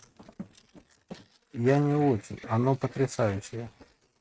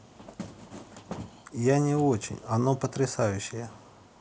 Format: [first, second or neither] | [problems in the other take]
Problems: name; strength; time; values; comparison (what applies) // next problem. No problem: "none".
second | noise reduction (neural mask model RNNoise)